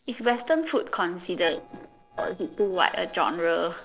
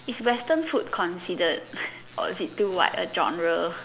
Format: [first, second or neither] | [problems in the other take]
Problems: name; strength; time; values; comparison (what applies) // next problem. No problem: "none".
second | noise reduction (neural separator model SepFormer DNS4)